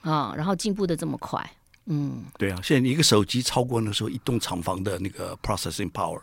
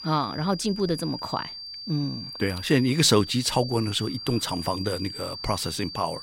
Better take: first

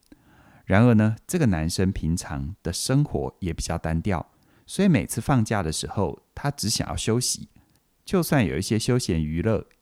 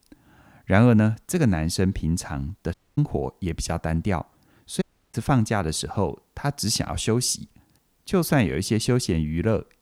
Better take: first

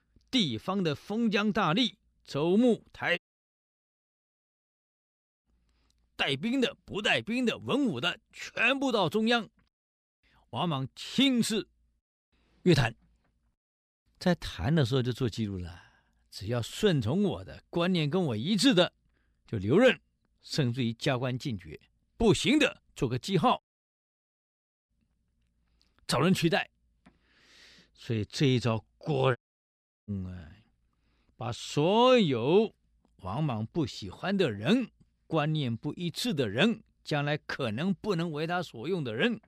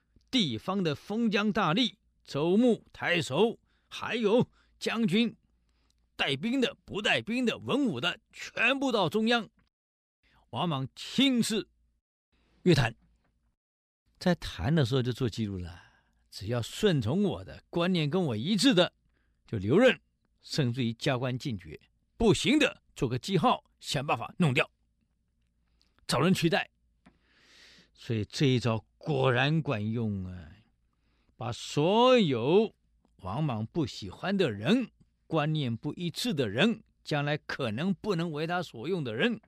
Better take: second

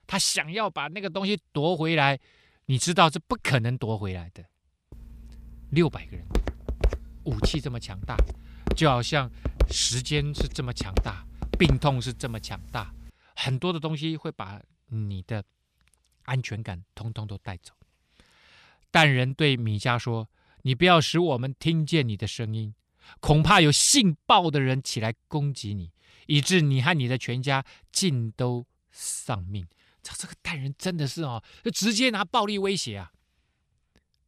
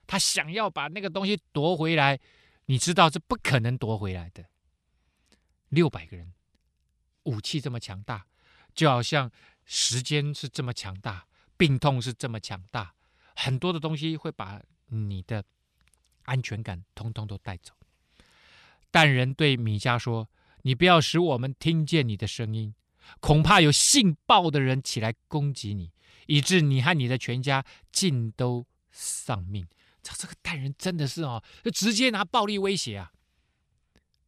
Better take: second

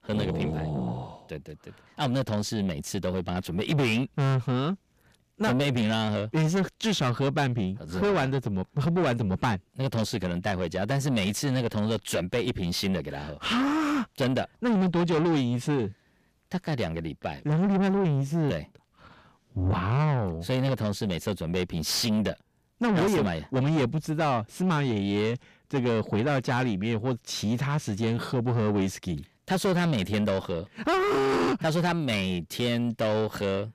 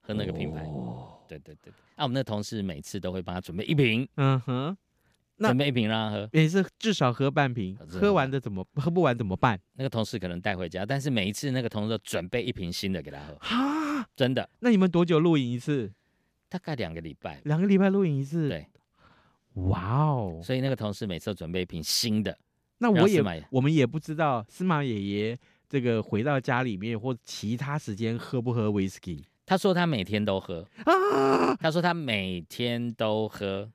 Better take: second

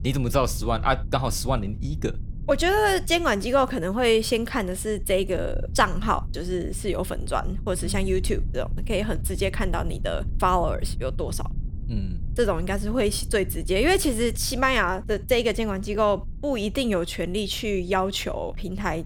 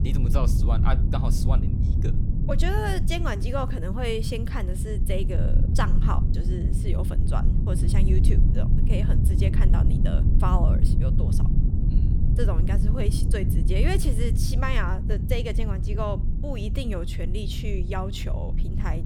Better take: first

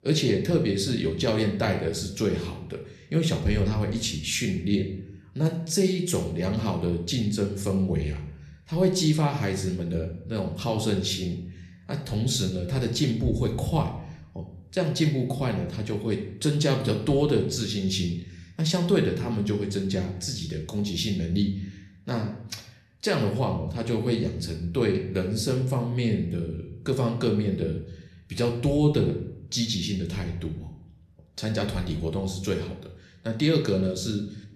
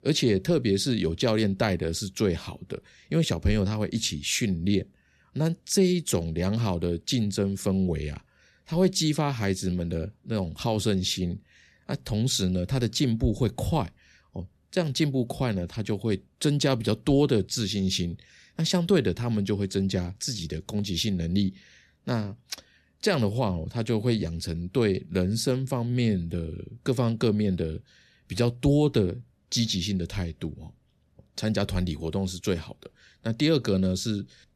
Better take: second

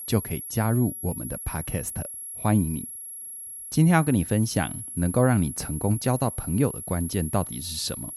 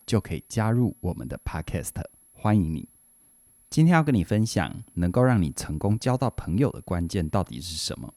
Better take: second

